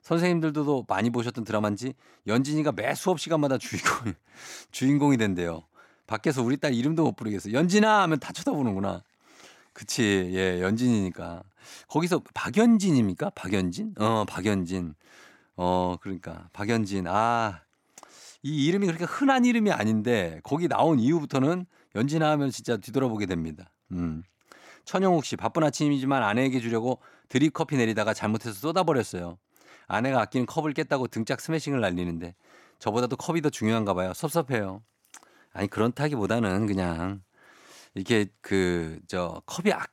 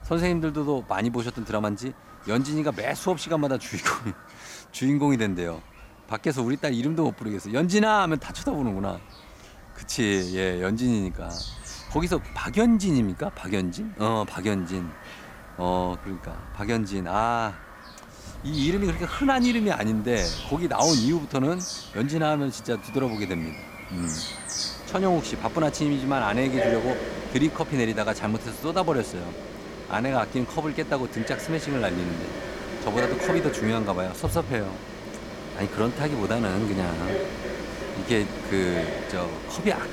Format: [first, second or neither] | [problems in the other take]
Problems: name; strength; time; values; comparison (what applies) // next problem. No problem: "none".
first | animal sounds; loud; throughout; 8 dB below the speech